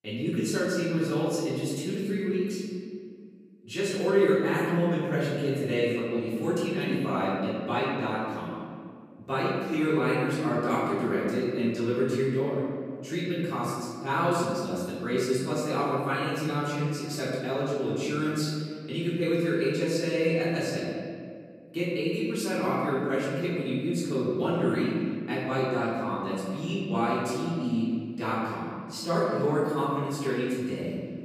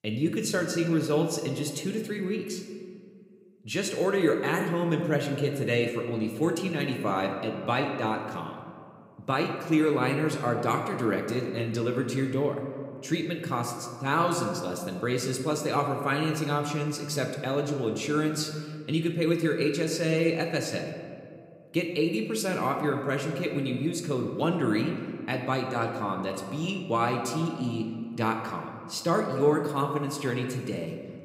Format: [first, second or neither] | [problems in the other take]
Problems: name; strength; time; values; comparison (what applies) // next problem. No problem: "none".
second | room echo; strong; dies away in 2 s; slight in the second // off-mic speech; far